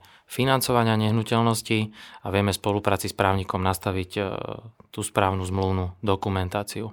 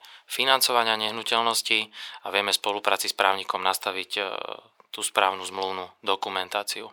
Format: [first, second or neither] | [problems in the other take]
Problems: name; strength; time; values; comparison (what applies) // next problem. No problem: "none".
first | thin; very; fading below 600 Hz